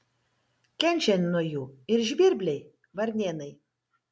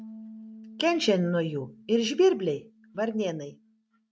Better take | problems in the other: first | noise reduction (neural mask model RNNoise)

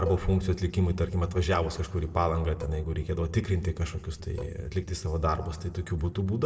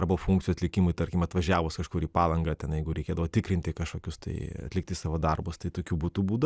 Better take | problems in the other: second | noise reduction (neural separator model SepFormer DNS4)

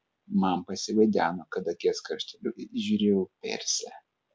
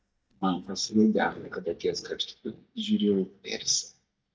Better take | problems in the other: first | noise reduction (neural mask model DeepFilterNet 3)

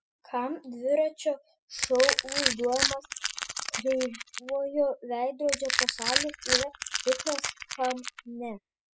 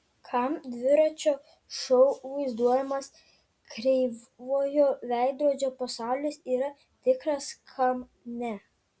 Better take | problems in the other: second | noise reduction (classical method spectral subtraction)

